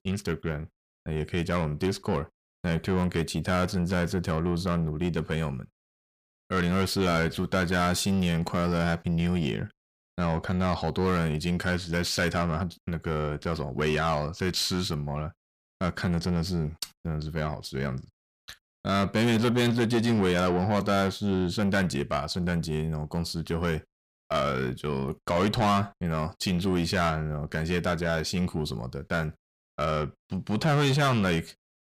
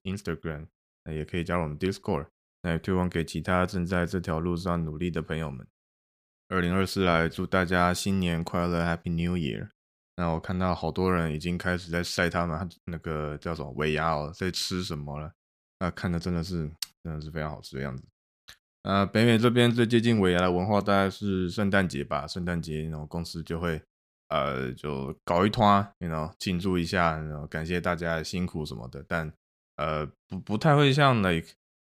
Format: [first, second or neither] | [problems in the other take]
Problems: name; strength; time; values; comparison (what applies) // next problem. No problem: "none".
second | distortion; heavy; 8 dB below the speech